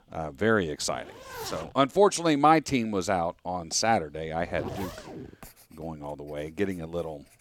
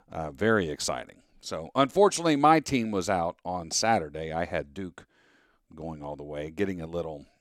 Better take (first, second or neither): second